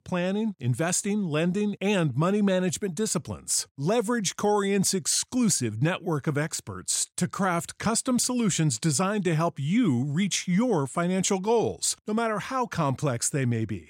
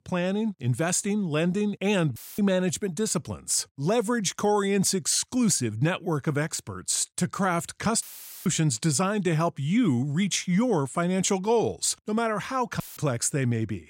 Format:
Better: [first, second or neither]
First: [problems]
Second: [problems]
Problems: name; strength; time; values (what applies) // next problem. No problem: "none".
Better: first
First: none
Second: audio cutting out; filled with static; at 2 s, at 8 s and at 13 s